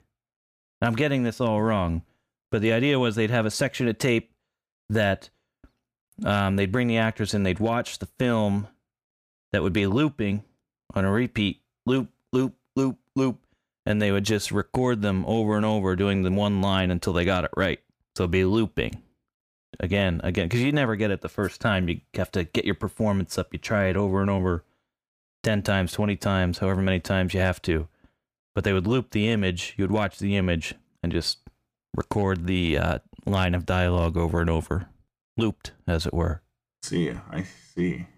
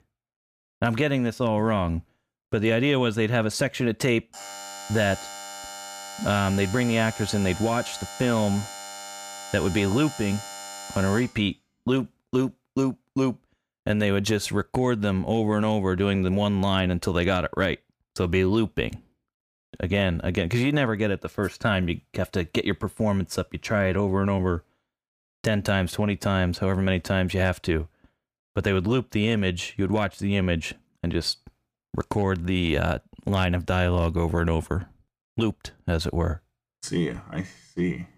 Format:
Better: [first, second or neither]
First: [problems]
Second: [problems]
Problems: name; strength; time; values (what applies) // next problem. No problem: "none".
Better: first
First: none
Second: alarm; faint; from 4.5 to 11 s; peak 10 dB below the speech